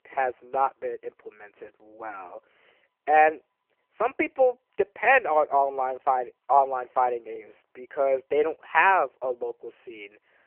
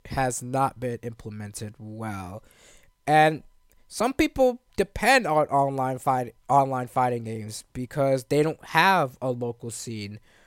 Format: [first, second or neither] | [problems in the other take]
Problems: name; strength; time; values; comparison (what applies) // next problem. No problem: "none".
second | phone-call audio; poor line; nothing above 2.5 kHz